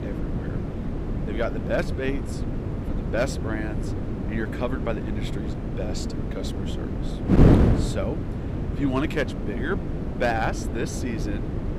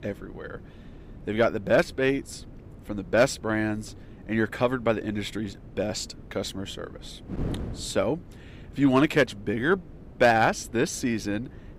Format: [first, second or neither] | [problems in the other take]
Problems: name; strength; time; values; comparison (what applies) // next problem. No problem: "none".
second | wind noise on the microphone; heavy; 3 dB below the speech; occasional gusts in the second